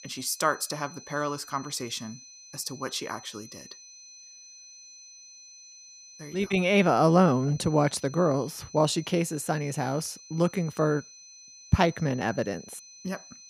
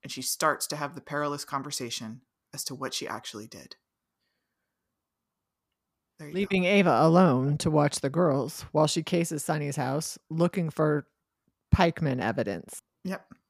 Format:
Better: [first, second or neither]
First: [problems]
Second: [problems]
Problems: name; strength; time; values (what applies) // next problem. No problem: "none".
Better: second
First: high-pitched whine; noticeable; throughout; 6 kHz, 20 dB below the speech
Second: none